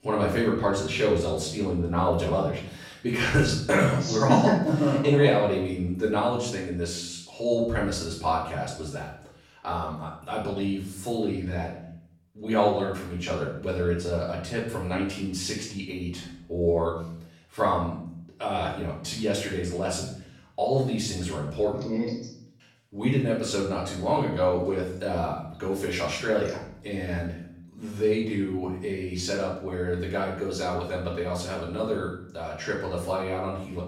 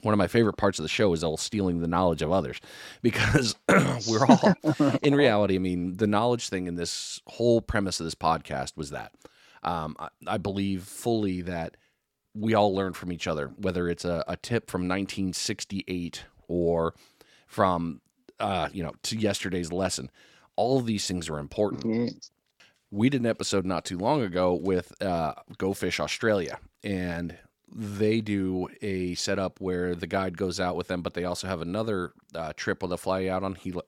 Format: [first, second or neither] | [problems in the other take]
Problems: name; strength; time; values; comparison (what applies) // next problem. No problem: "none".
second | room echo; noticeable; dies away in 0.6 s // off-mic speech; far